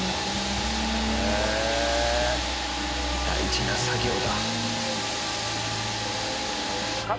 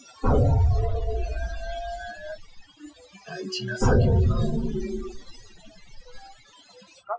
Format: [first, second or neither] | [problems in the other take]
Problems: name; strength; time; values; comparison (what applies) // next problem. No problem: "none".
first | noise reduction (classical method Wiener filter)